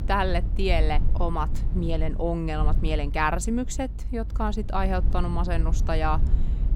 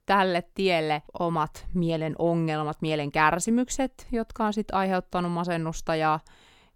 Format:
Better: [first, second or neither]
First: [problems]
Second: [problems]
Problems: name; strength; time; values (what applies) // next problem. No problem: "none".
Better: second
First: low rumble; noticeable; throughout; 15 dB below the speech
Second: none